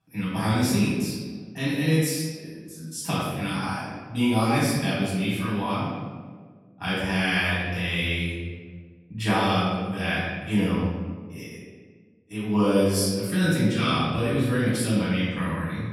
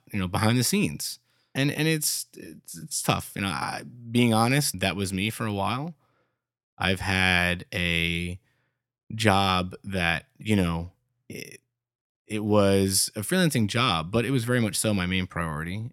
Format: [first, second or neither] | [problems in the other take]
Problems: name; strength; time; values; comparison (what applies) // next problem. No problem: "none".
second | off-mic speech; far // room echo; strong; dies away in 1.4 s